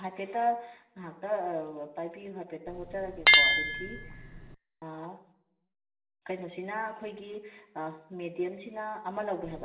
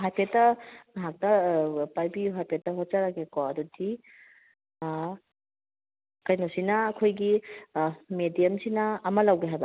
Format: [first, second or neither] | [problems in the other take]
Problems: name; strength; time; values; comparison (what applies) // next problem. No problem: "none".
second | background sound (Chink, clink); 3 dB above the speech // room echo; dies away in 0.6 s